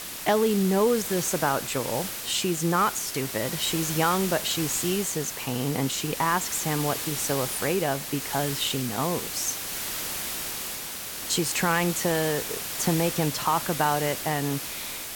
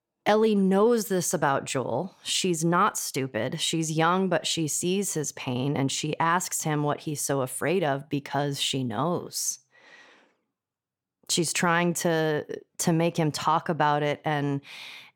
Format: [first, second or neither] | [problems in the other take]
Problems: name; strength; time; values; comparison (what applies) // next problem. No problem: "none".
second | hiss; loud; throughout; 4 dB below the speech